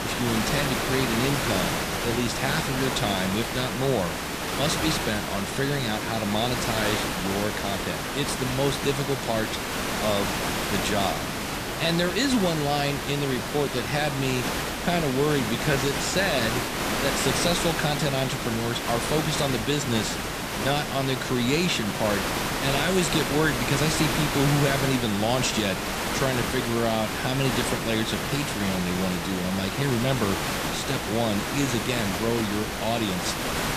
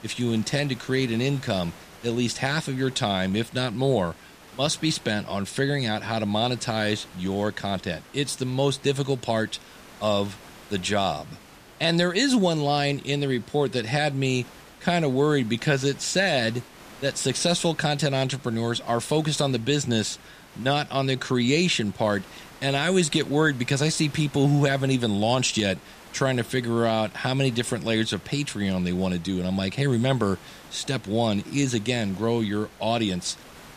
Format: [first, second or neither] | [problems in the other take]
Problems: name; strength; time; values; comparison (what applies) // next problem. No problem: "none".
second | hiss; loud; throughout; 1 dB below the speech; faint in the second